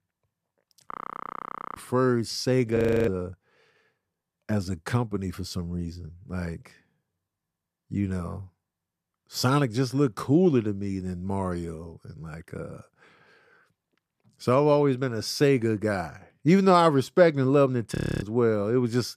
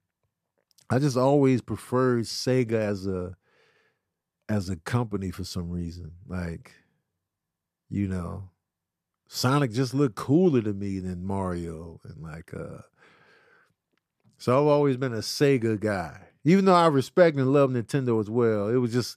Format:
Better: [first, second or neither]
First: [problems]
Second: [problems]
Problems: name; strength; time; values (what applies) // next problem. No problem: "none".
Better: second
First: audio freezing; at 1 s for 1 s, at 3 s and at 18 s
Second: none